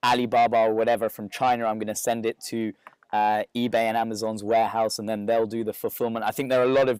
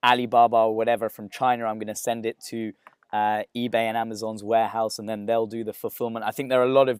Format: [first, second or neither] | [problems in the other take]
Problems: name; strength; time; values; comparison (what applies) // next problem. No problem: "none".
second | distortion; slight; 10 dB below the speech